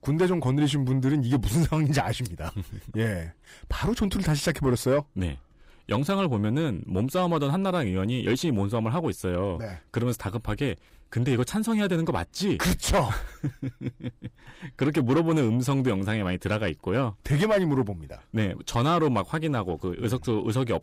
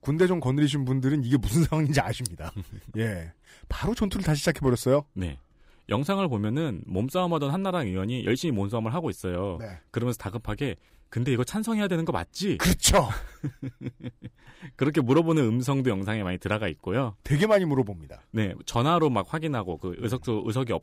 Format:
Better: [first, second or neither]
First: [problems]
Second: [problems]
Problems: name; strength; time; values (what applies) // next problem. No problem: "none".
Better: second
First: distortion; slight; 10 dB below the speech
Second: none